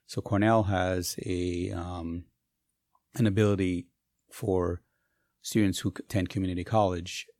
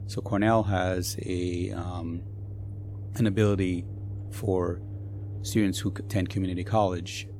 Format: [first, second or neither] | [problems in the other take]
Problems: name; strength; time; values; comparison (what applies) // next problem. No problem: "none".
first | low rumble; faint; throughout; 20 dB below the speech